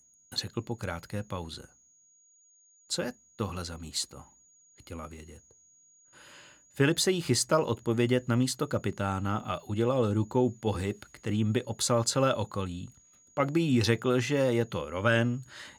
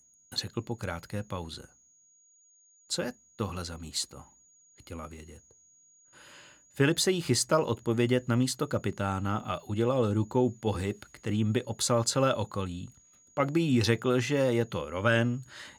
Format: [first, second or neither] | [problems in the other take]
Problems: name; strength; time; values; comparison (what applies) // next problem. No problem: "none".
neither | high-pitched whine; faint; throughout; 6.5 kHz, 30 dB below the speech; the same in both